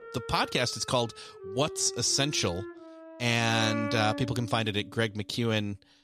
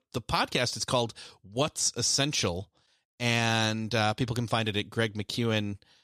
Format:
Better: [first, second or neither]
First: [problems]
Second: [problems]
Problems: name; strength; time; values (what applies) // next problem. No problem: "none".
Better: second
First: background music; noticeable; throughout; 10 dB below the speech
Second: none